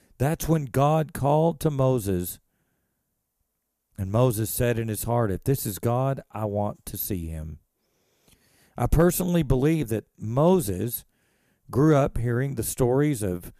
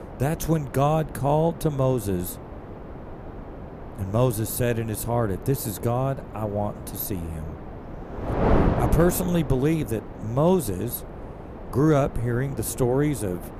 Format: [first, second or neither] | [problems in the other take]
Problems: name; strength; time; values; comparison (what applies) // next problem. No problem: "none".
first | wind noise on the microphone; heavy; 9 dB below the speech